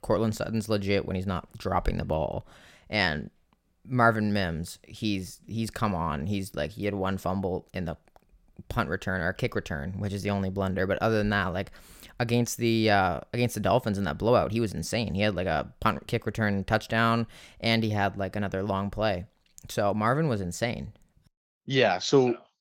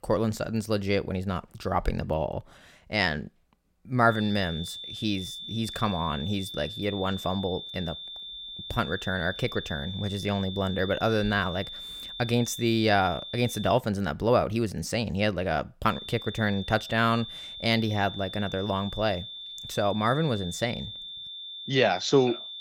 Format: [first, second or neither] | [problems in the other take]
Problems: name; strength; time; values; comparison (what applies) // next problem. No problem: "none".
first | high-pitched whine; loud; from 4 to 14 s and from 16 s on; 3.5 kHz, 9 dB below the speech